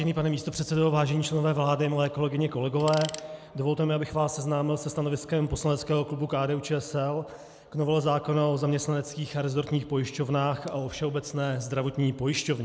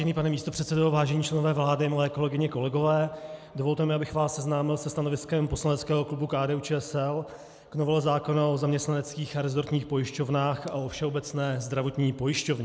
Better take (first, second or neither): second